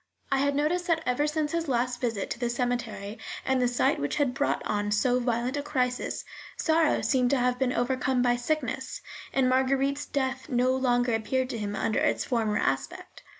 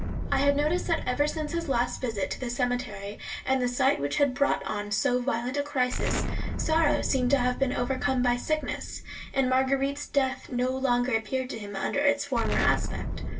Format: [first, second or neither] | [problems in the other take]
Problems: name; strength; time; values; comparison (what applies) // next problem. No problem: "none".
first | background sound (Explosion); 7 dB below the speech // room echo; dies away in 0.1 s